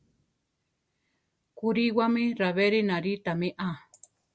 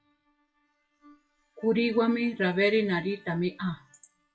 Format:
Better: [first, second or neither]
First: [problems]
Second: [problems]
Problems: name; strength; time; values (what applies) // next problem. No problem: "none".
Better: first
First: none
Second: noise reduction (classical method WPE with log-MMSE)